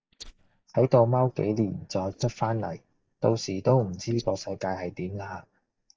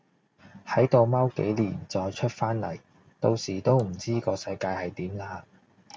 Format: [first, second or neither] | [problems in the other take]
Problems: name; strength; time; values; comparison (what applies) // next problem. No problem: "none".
second | noise reduction (neural mask model DeepFilterNet 3)